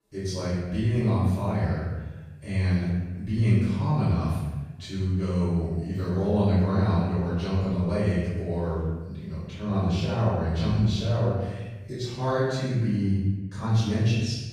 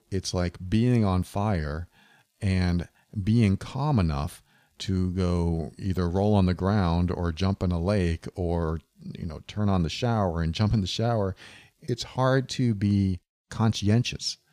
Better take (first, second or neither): second